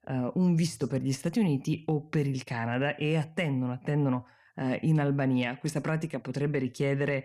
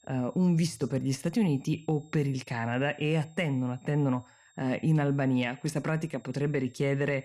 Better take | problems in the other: first | high-pitched whine; faint; throughout; 7.5 kHz, 30 dB below the speech

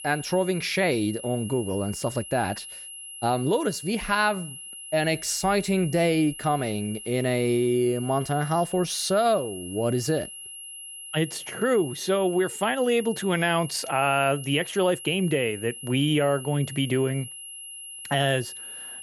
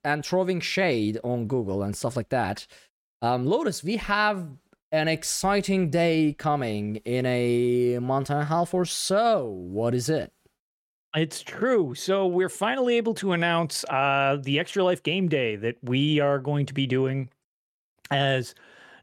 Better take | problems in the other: second | high-pitched whine; noticeable; throughout; 11 kHz, 10 dB below the speech

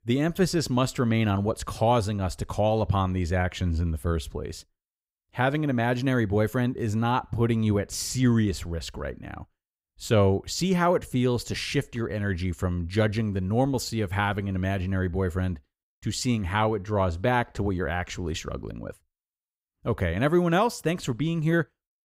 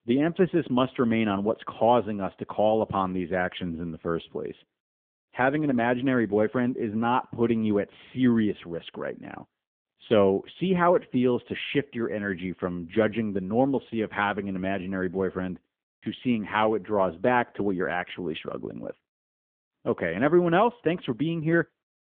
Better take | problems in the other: first | phone-call audio; nothing above 3.5 kHz

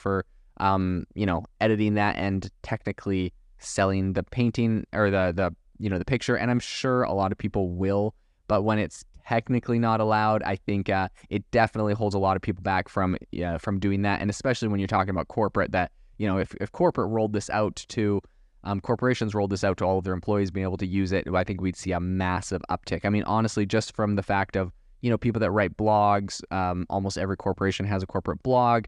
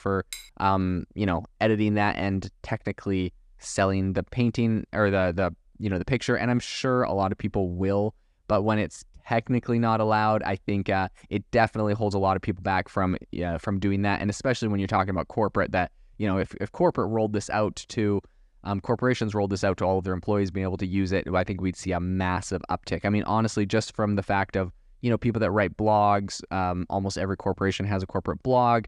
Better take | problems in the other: first | clattering dishes; faint; at 0.5 s; peak 15 dB below the speech

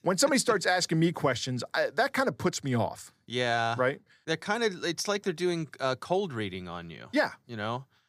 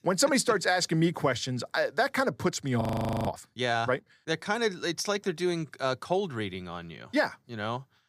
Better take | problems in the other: first | audio freezing; at 3 s

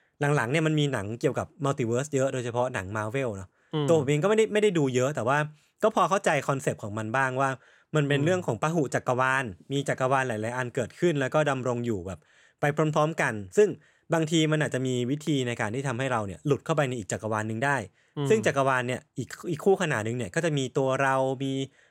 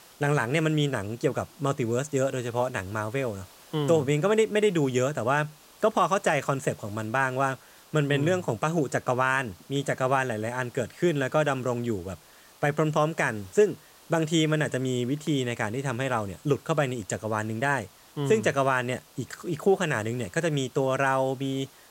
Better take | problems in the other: first | hiss; faint; throughout; 25 dB below the speech

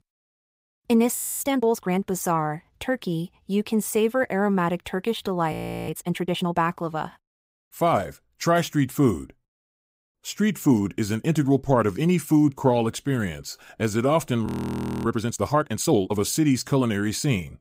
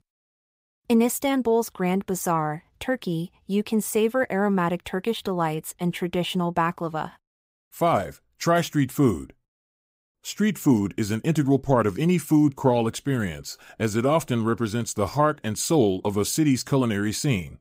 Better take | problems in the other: second | audio freezing; at 1 s, at 5.5 s and at 14 s for 0.5 s

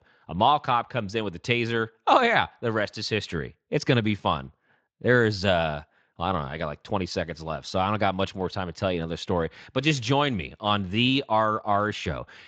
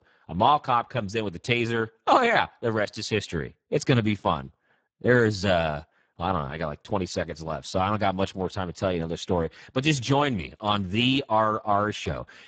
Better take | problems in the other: first | garbled, watery; badly; nothing above 7.5 kHz; slightly in the first

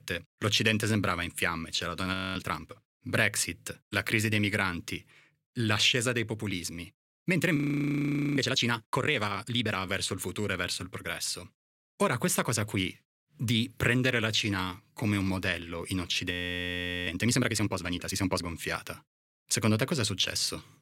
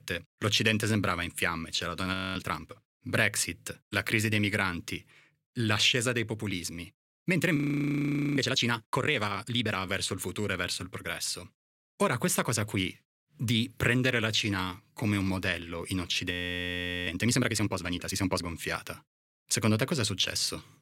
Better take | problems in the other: neither | audio freezing; at 2 s, at 7.5 s for 1 s and at 16 s for 1 s; the same in both

